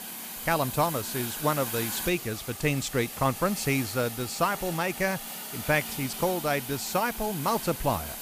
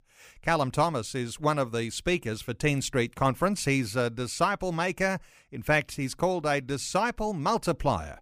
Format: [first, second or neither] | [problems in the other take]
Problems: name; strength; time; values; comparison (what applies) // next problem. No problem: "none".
second | hiss; loud; throughout; 6 dB below the speech